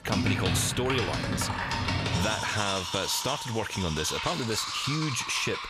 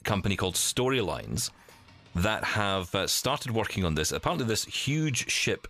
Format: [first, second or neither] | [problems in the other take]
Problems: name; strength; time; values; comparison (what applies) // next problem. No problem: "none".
second | household noises; loud; throughout; 1 dB below the speech; faint in the second